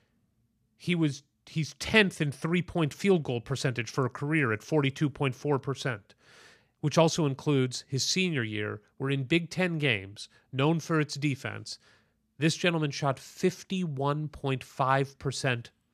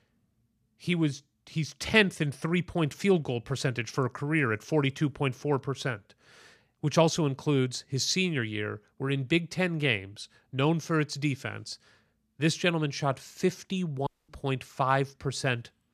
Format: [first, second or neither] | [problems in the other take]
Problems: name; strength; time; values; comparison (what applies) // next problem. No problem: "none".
first | audio cutting out; at 14 s